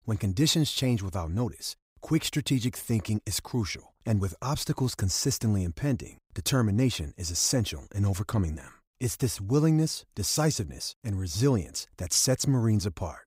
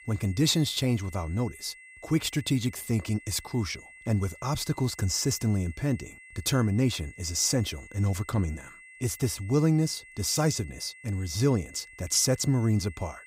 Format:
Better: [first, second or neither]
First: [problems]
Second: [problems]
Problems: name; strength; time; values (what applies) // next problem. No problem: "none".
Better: first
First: none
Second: high-pitched whine; noticeable; throughout; 2 kHz, 20 dB below the speech